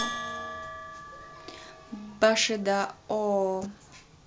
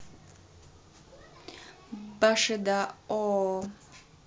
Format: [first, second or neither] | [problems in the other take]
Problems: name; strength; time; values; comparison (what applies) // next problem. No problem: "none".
second | background sound (Bell); 11 dB below the speech